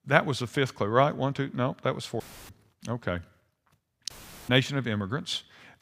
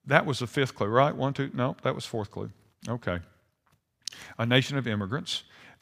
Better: second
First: audio cutting out; filled with static; at 2 s and at 4 s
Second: none

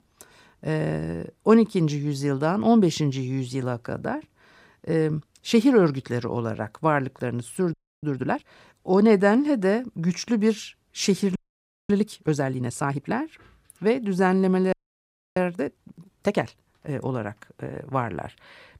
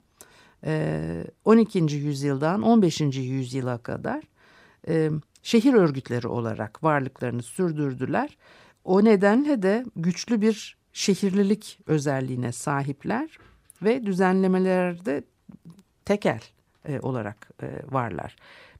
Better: second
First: audio freezing; at 7.5 s, at 11 s for 0.5 s and at 15 s for 0.5 s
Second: none

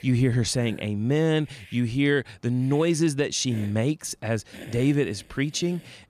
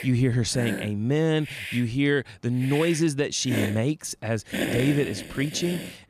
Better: first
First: hiss; faint; throughout; 20 dB below the speech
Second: hiss; loud; throughout; 7 dB below the speech

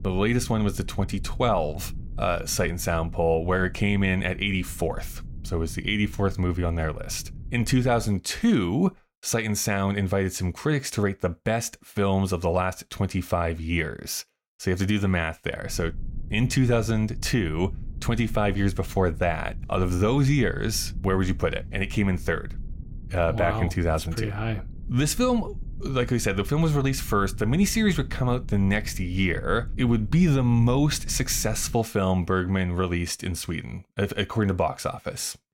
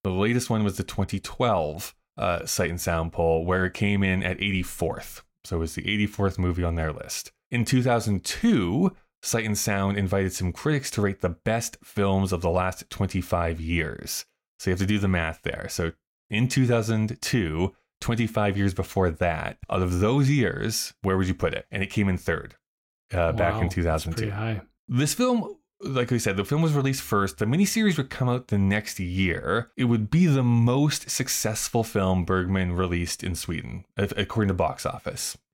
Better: second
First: low rumble; faint; until 8 s and from 16 to 32 s; 25 dB below the speech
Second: none

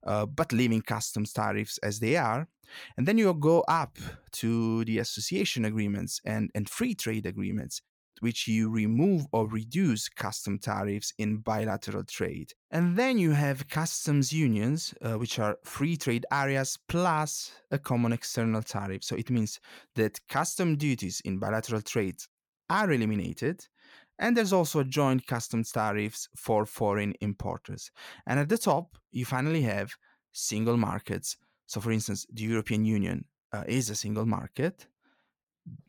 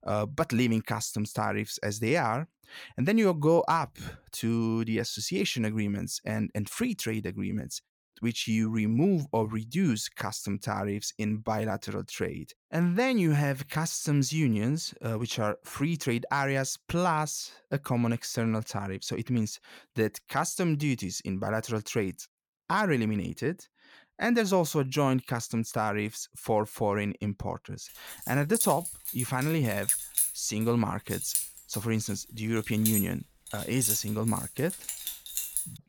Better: first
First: none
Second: jangling keys; loud; from 28 s on; peak 4 dB above the speech

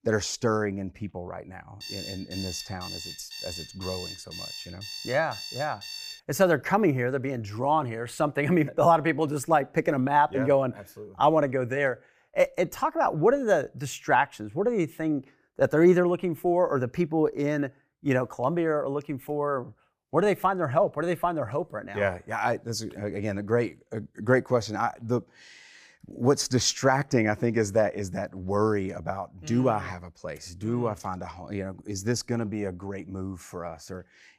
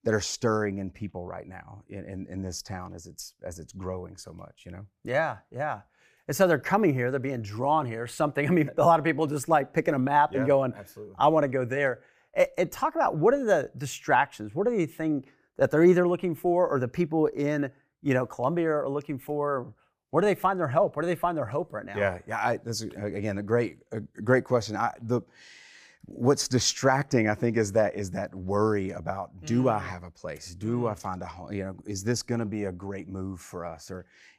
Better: second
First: alarm; noticeable; from 2 to 6 s; peak 10 dB below the speech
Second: none

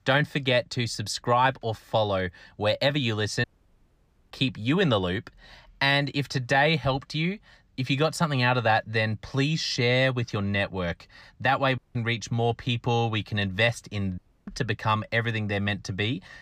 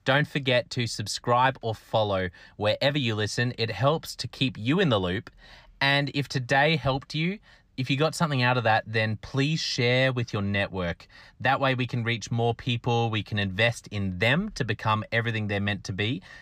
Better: second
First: audio cutting out; at 3.5 s for 1 s, at 12 s and at 14 s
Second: none

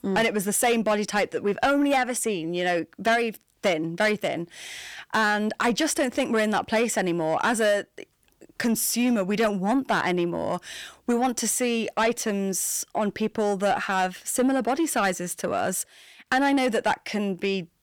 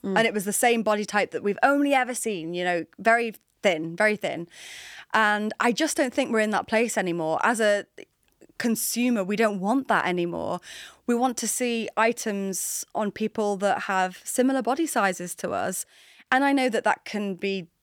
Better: second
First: distortion; slight; 10 dB below the speech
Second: none

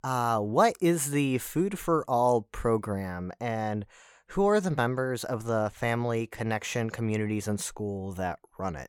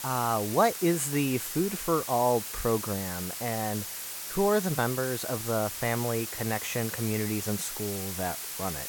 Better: first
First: none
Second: hiss; loud; throughout; 5 dB below the speech

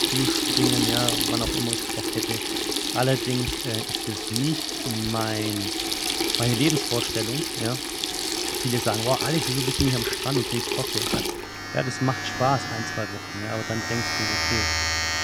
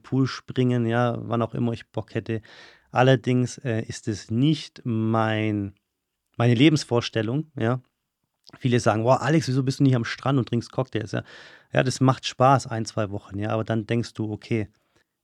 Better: second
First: household noises; very loud; throughout; 3 dB above the speech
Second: none

